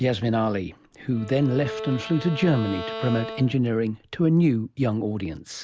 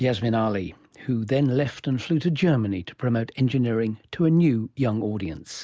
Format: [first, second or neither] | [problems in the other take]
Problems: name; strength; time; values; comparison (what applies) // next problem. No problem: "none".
second | background sound (Bowed string instrument); 12 dB below the speech